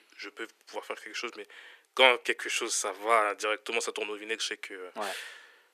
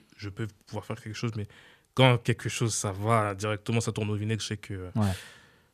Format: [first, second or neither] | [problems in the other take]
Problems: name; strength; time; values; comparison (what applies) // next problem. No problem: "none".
second | thin; very; fading below 350 Hz